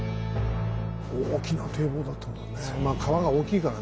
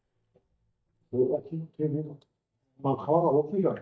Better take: first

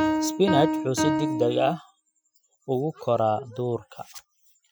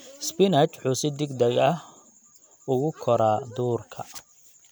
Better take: second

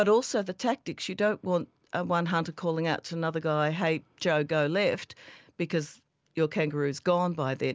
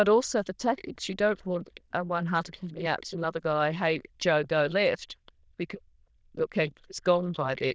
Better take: first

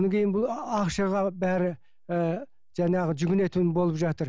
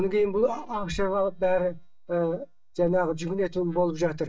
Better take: first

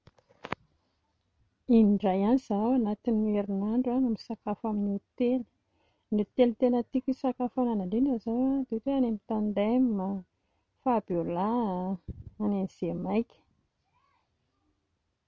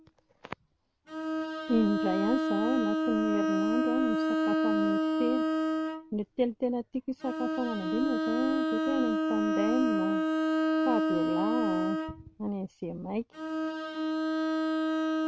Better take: first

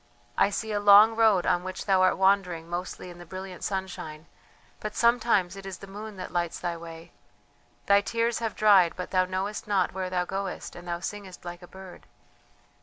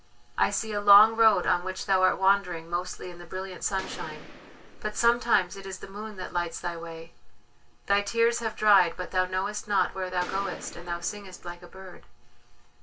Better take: first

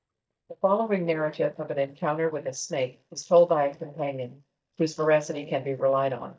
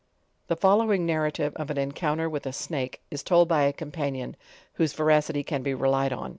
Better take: second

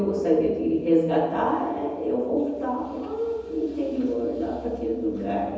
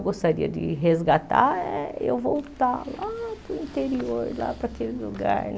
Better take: second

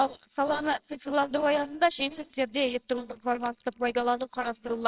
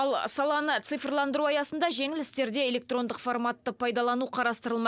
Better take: second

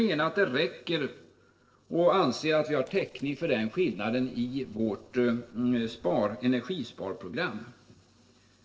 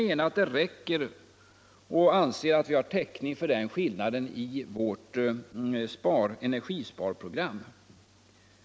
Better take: second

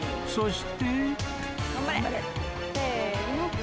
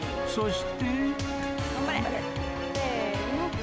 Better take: first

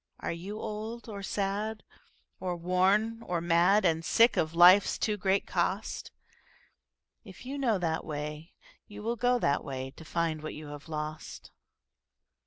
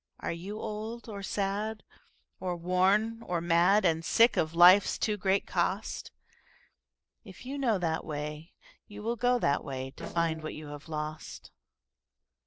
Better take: first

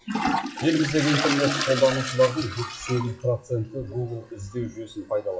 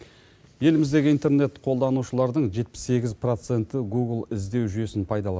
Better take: second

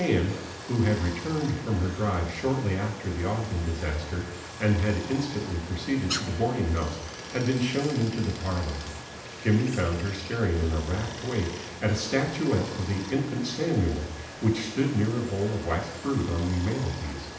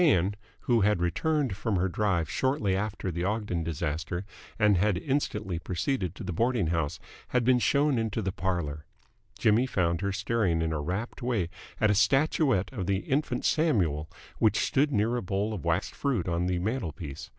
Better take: second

